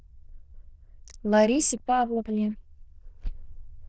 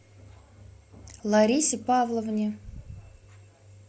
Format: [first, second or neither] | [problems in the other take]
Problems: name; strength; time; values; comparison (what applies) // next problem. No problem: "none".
second | noise reduction (neural diffusion model UNIVERSE++)